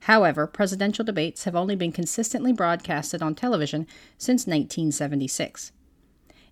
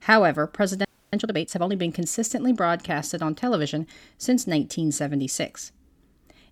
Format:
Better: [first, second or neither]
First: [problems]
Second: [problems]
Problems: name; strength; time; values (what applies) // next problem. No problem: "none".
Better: first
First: none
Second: audio freezing; at 1 s